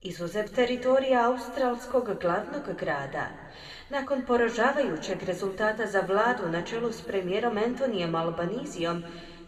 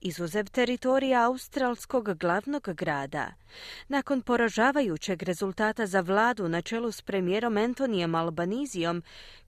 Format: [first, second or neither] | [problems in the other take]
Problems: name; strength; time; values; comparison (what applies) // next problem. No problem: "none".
second | room echo; noticeable; dies away in 2 s // off-mic speech; somewhat distant